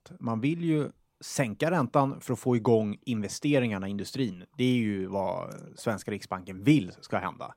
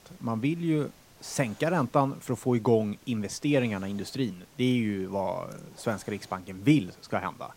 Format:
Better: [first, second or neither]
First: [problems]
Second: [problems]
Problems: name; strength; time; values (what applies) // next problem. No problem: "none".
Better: first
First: none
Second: hiss; faint; throughout; 25 dB below the speech